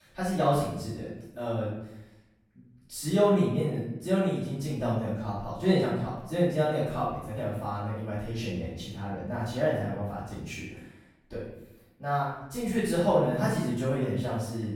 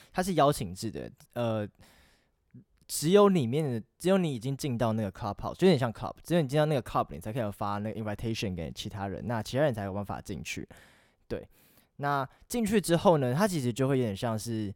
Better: second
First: off-mic speech; far // room echo; noticeable; dies away in 0.8 s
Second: none

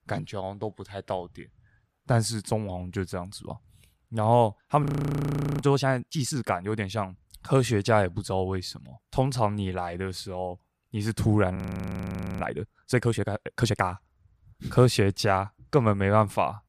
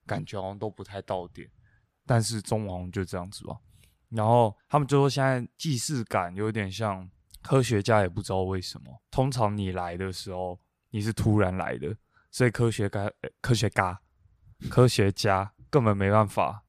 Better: second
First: audio freezing; at 5 s for 1 s and at 12 s for 1 s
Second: none

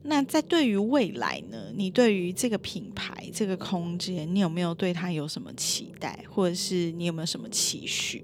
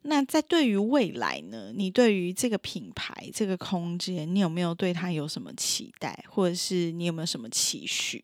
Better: second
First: low rumble; faint; throughout; 20 dB below the speech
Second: none

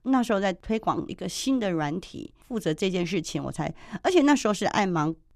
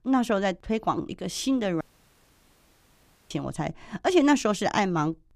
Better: first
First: none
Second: audio cutting out; at 2 s for 1.5 s

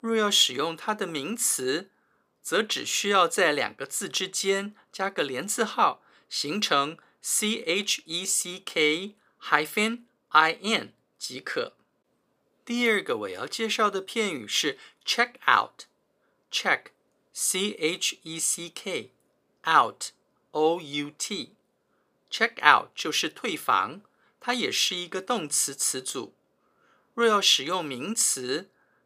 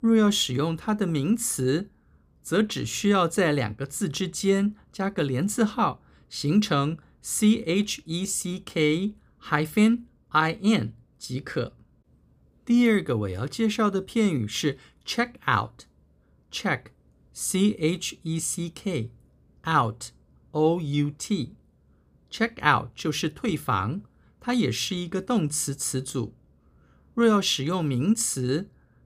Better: second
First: thin; somewhat; fading below 500 Hz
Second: none

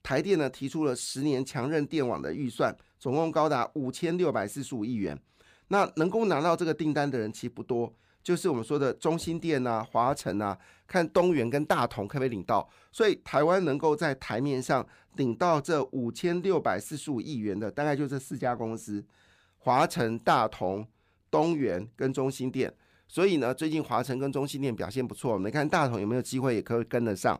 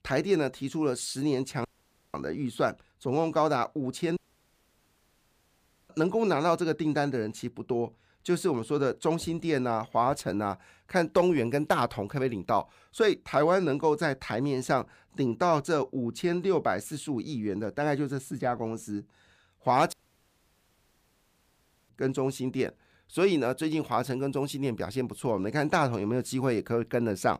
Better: first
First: none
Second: audio cutting out; at 1.5 s, at 4 s for 1.5 s and at 20 s for 2 s

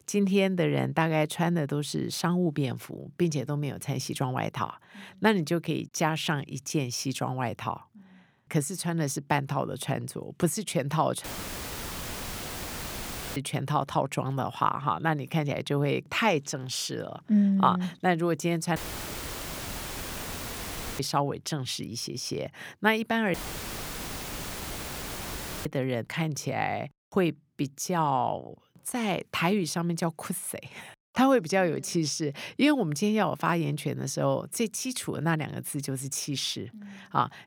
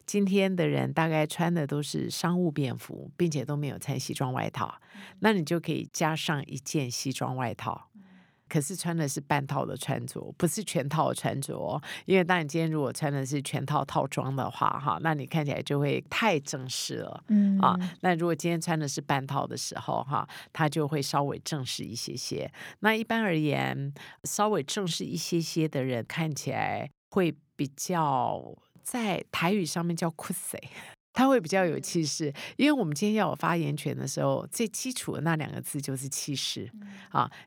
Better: second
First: audio cutting out; filled with static; at 11 s for 2 s, at 19 s for 2 s and at 23 s for 2.5 s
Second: none

